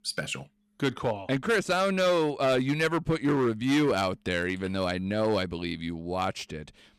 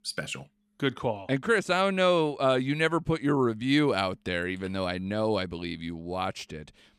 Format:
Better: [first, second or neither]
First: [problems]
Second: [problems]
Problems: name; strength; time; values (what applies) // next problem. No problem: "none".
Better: second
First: distortion; slight; 6% of the sound clipped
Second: none